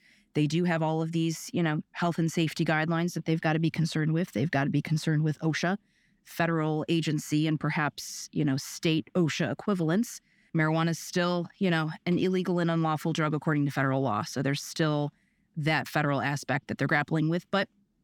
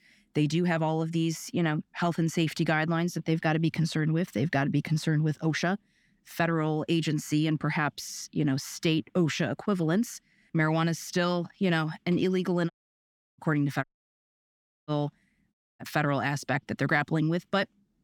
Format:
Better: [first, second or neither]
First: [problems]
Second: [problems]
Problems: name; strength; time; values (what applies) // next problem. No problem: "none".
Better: first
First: none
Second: audio cutting out; at 13 s for 0.5 s, at 14 s for 1 s and at 16 s